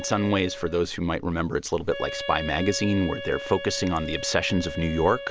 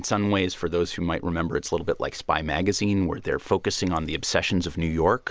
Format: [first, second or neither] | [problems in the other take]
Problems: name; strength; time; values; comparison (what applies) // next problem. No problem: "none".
second | background sound (Wind instrument, woodwind instrument); 11 dB below the speech